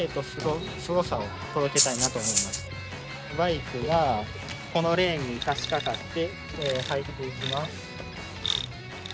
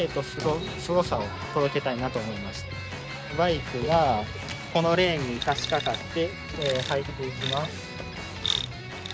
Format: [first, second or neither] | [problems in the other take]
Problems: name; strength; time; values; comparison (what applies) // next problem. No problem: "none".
second | background sound (Rattle (instrument)); 3 dB above the speech